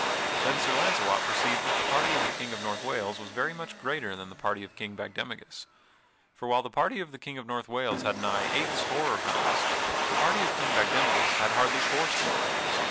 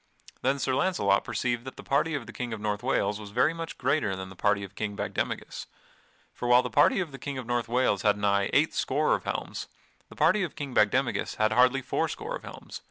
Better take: second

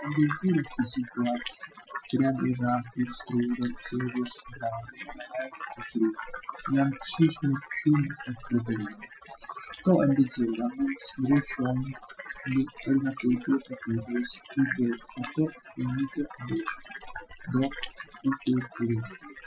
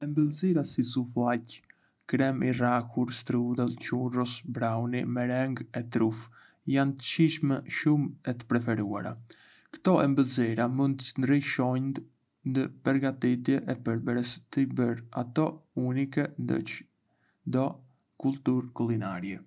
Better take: second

